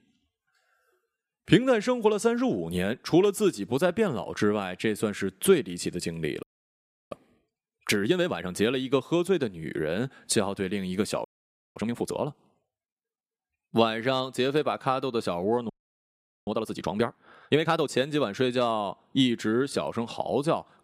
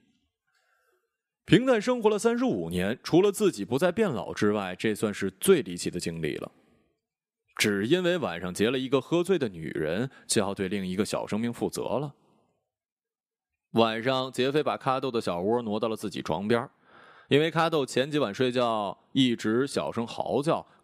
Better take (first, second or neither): second